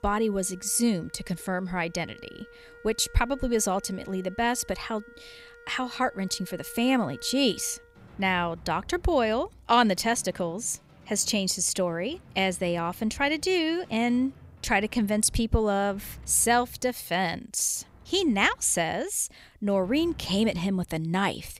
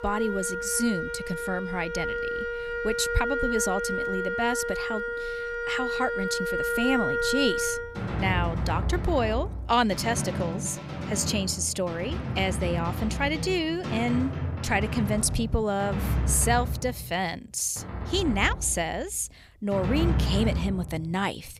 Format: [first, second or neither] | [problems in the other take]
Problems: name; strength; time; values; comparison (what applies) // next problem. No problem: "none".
first | background music; loud; throughout; 2 dB below the speech; faint in the first